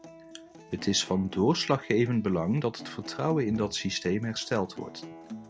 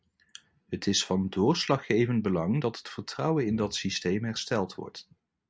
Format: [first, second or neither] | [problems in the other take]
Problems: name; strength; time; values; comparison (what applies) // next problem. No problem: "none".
second | background sound (Acoustic guitar); 17 dB below the speech